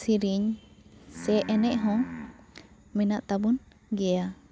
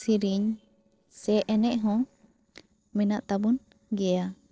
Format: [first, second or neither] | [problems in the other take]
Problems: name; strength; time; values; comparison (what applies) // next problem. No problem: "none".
first | noise reduction (neural separator model SepFormer DNS4)